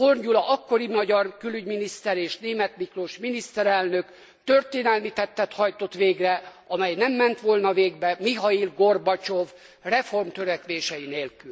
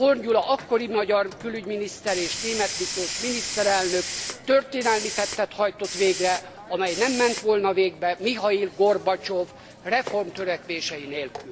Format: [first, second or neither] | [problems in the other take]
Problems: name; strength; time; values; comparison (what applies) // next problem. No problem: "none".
first | background sound (Hiss); 10 dB below the speech